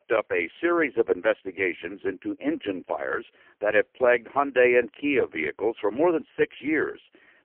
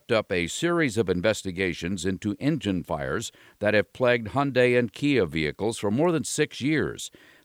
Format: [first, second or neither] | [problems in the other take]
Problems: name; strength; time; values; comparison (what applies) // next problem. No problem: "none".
second | phone-call audio; poor line